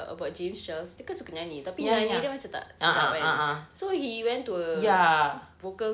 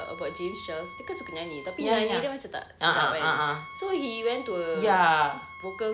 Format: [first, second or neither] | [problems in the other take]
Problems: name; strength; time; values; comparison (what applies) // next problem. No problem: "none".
first | background sound (Wind instrument, woodwind instrument); 16 dB below the speech